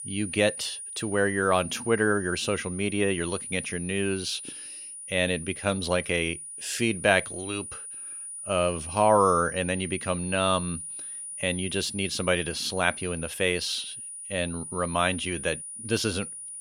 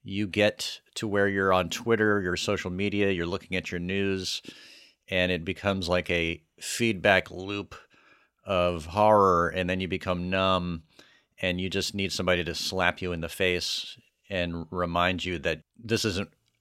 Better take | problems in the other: second | high-pitched whine; loud; throughout; 9.5 kHz, 9 dB below the speech

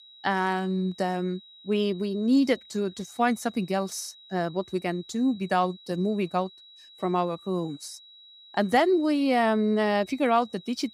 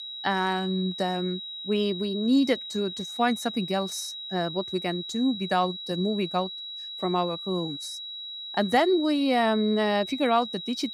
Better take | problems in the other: first | high-pitched whine; loud; throughout; 4 kHz, 8 dB below the speech; faint in the first

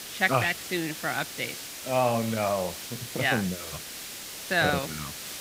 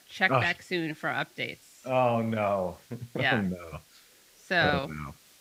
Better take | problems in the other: second | hiss; loud; throughout; 9 dB below the speech; faint in the second

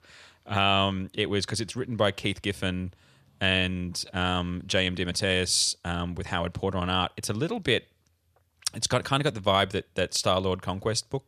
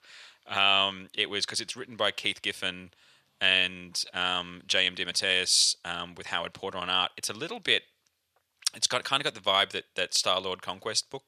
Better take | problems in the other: first | thin; somewhat; fading below 800 Hz

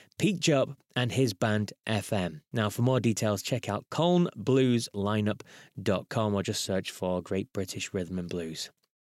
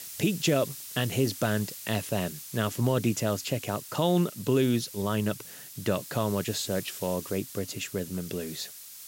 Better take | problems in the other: first | hiss; noticeable; throughout; 10 dB below the speech

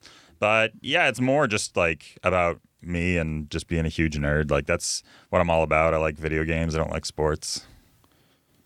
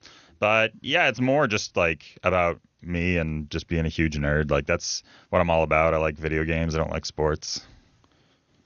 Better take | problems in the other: first | garbled, watery; slightly; nothing above 6.5 kHz

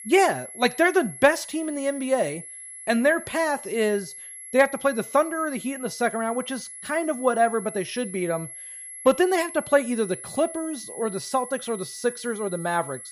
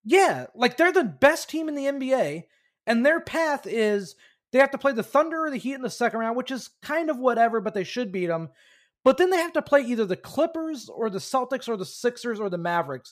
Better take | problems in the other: second | high-pitched whine; noticeable; throughout; 11 kHz, 10 dB below the speech

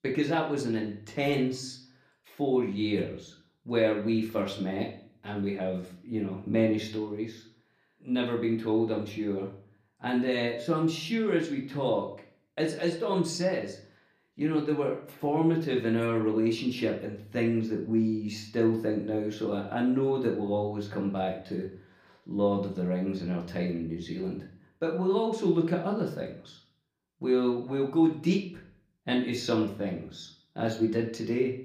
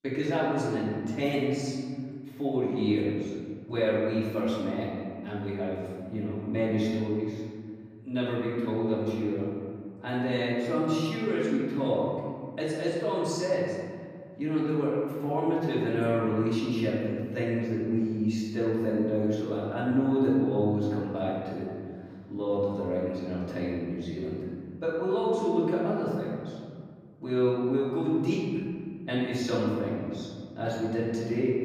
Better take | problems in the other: first | room echo; strong; dies away in 2.1 s; slight in the first // off-mic speech; far; somewhat distant in the first

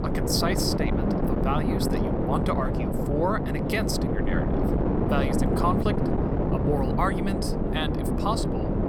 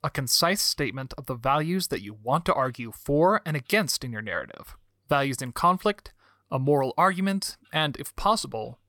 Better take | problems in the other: second | wind noise on the microphone; heavy; 1 dB below the speech

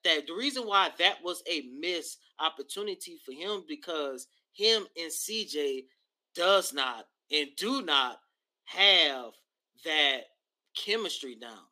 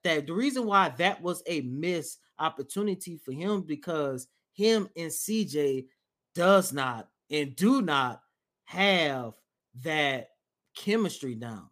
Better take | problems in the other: second | thin; somewhat; fading below 300 Hz

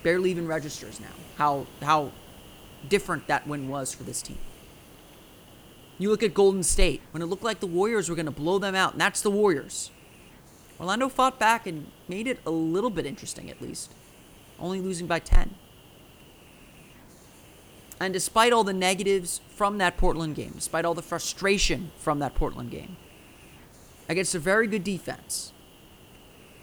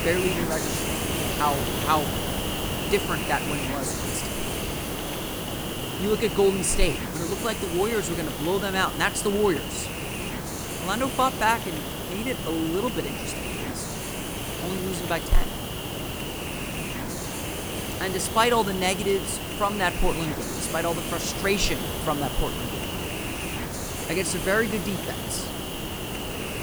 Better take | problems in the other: first | hiss; loud; throughout; 3 dB below the speech; faint in the first

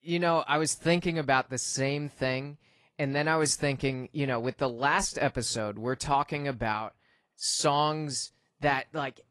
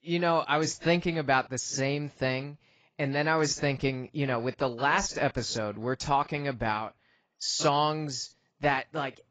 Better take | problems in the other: first | garbled, watery; badly; nothing above 7.5 kHz; slightly in the first

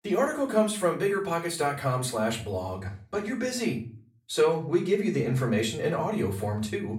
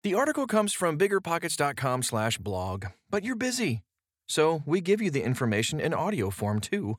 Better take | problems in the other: second | off-mic speech; far // room echo; slight; dies away in 0.3 s

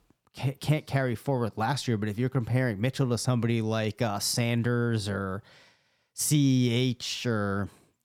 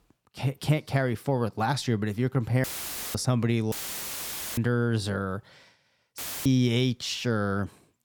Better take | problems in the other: first | audio cutting out; filled with static; at 2.5 s for 0.5 s, at 3.5 s for 1 s and at 6 s

